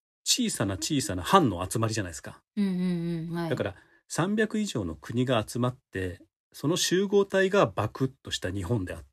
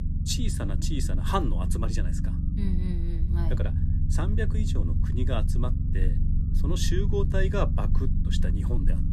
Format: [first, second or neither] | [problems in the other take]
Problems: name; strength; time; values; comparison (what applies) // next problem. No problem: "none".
first | low rumble; loud; throughout; 7 dB below the speech